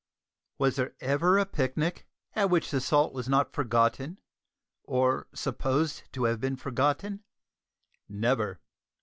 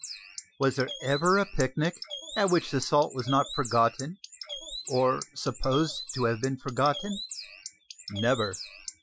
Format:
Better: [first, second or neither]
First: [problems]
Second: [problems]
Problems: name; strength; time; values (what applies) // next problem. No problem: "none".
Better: first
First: none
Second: noise reduction (classical method Wiener filter)